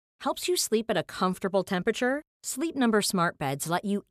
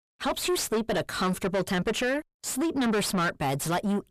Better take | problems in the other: first | distortion; heavy; 5 dB below the speech

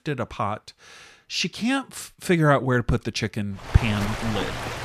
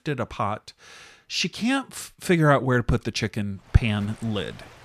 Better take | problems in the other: second | rain or running water; loud; from 3.5 s on; 7 dB below the speech; faint in the second

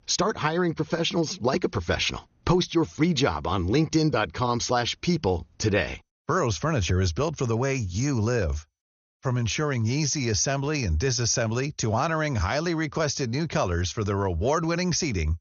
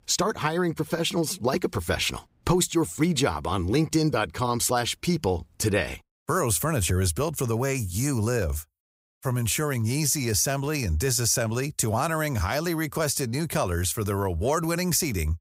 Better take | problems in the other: second | garbled, watery; slightly; nothing above 6.5 kHz

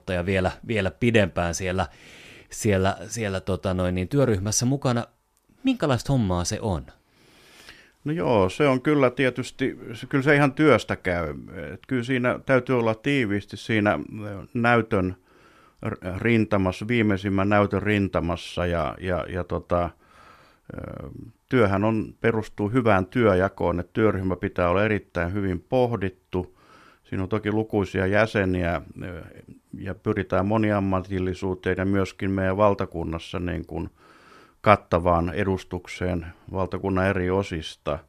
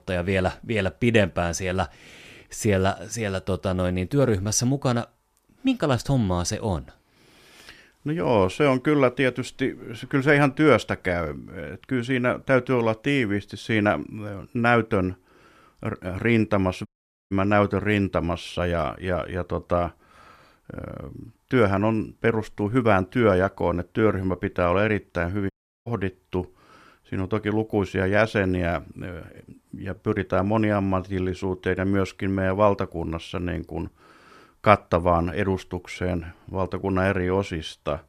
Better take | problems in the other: first | audio cutting out; at 17 s and at 26 s

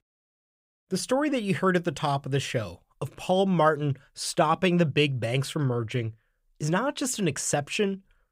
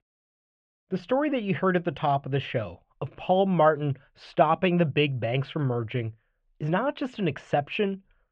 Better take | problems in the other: first | muffled; very; fading above 3 kHz

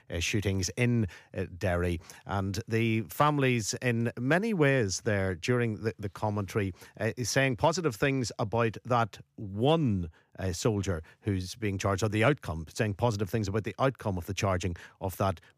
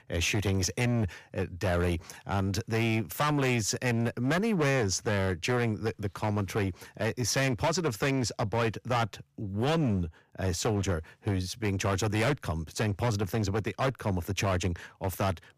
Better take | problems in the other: first | distortion; heavy; 12% of the sound clipped

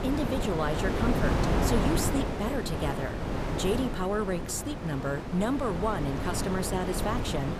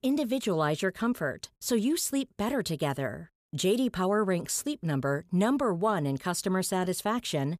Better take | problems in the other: second | wind noise on the microphone; heavy; 1 dB below the speech

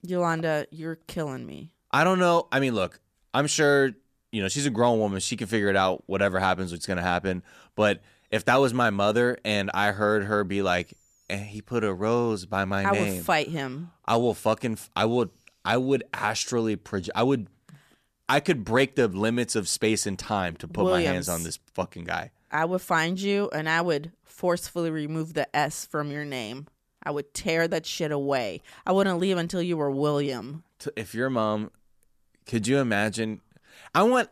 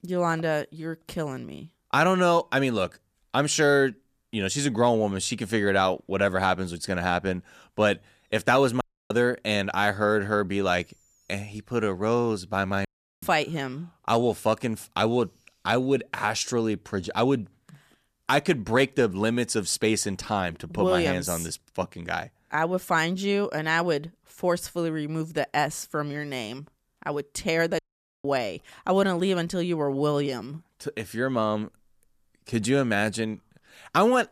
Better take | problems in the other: first | audio cutting out; at 9 s, at 13 s and at 28 s

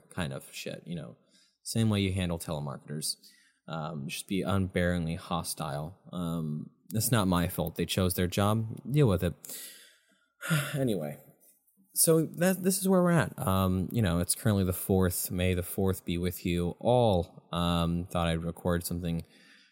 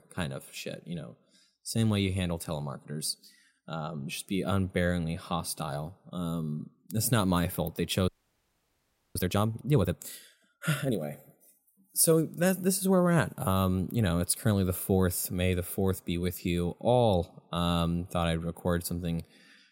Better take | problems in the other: first | audio freezing; at 8 s for 1 s

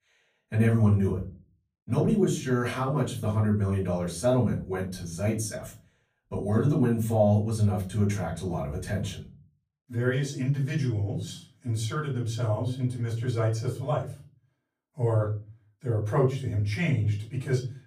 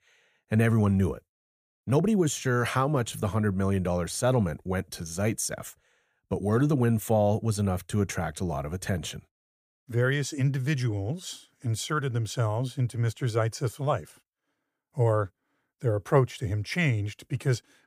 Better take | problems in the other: second | off-mic speech; far // room echo; slight; dies away in 0.4 s

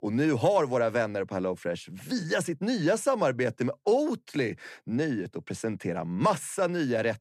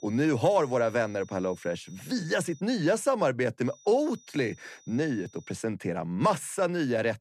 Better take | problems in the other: first | high-pitched whine; faint; until 2.5 s and from 3.5 to 5.5 s; 6 kHz, 25 dB below the speech

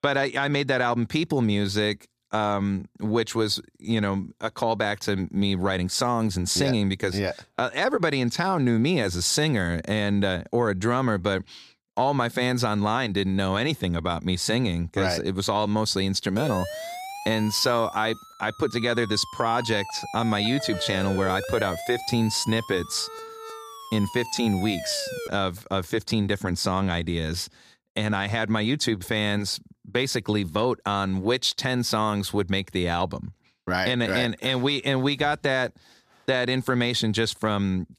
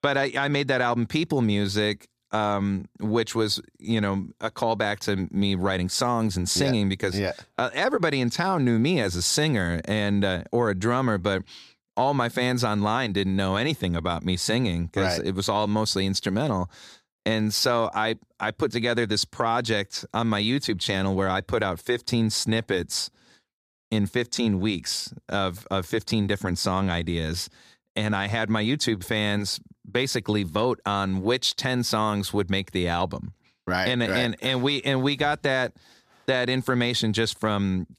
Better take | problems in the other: second | siren; noticeable; from 16 to 25 s; peak 8 dB below the speech

